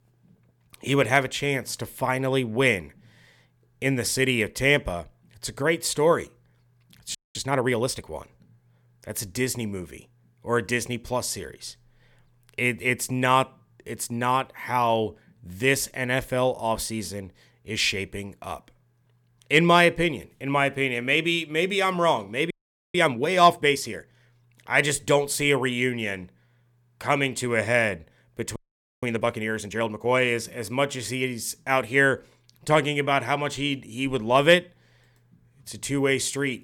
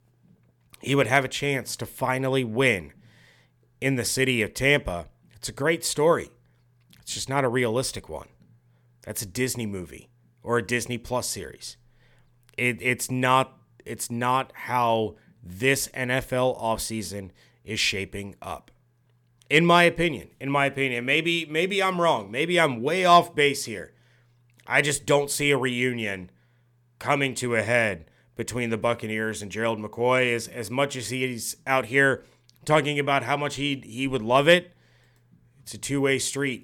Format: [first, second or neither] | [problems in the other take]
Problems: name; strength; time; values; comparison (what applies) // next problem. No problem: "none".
second | audio freezing; at 7 s, at 23 s and at 29 s